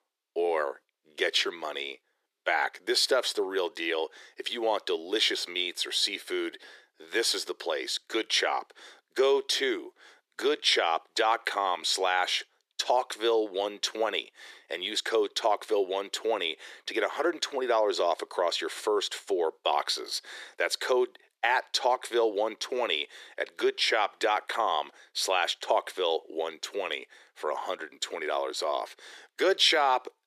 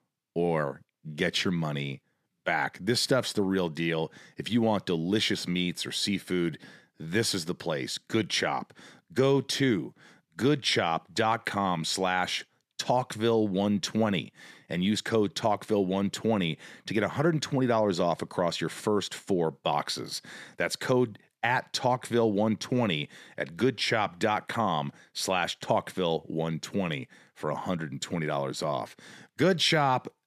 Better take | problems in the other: second | thin; very; fading below 350 Hz

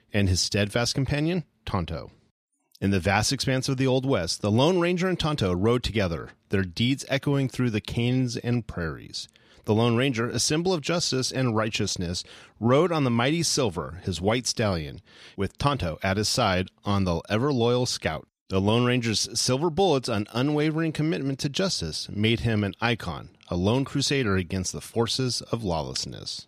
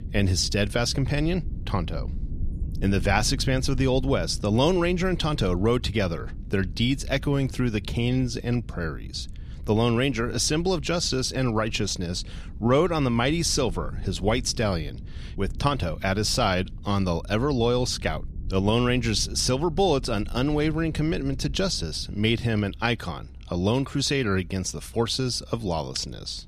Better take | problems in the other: first | low rumble; faint; throughout; 25 dB below the speech

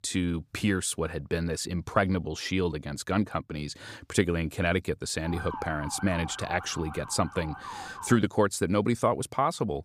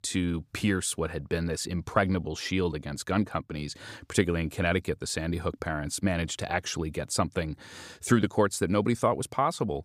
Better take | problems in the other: second | siren; noticeable; from 5 to 8 s; peak 9 dB below the speech

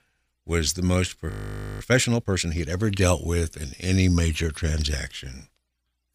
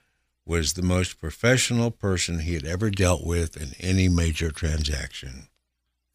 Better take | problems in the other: second | audio freezing; at 1.5 s for 0.5 s

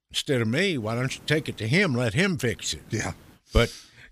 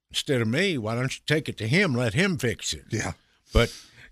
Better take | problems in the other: second | hiss; faint; at 1 s and at 2.5 s; 25 dB below the speech

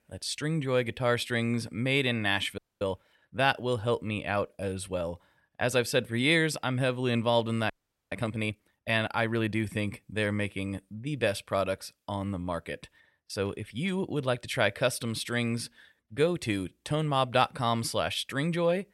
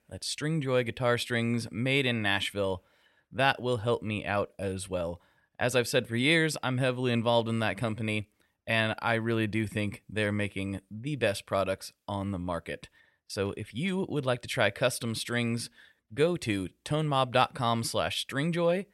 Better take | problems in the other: second | audio freezing; at 2.5 s and at 7.5 s

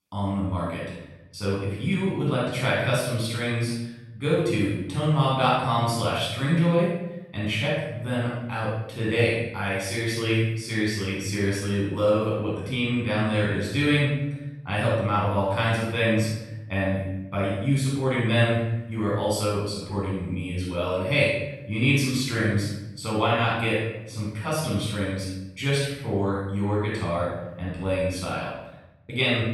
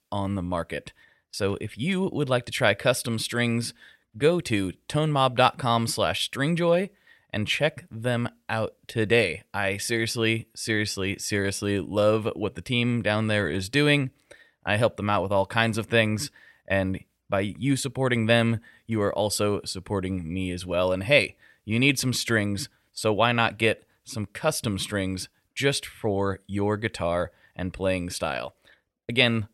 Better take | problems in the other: second | off-mic speech; far // room echo; strong; dies away in 0.9 s

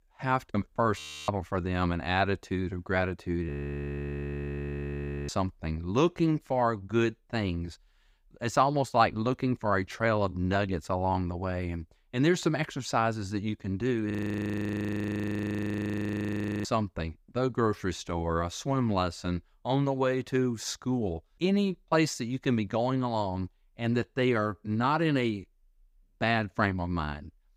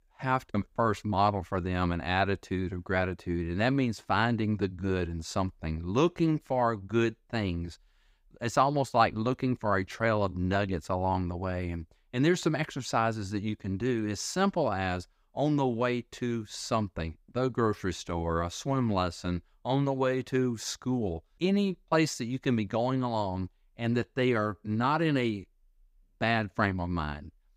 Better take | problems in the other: second | audio freezing; at 1 s, at 3.5 s for 2 s and at 14 s for 2.5 s

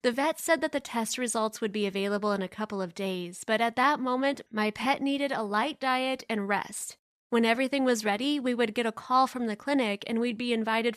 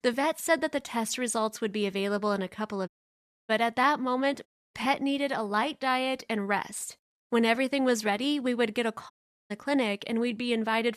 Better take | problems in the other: first | audio cutting out; at 3 s for 0.5 s, at 4.5 s and at 9 s

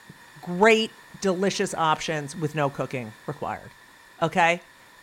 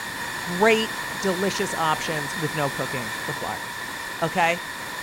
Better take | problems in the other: first | hiss; loud; throughout; 4 dB below the speech; faint in the first

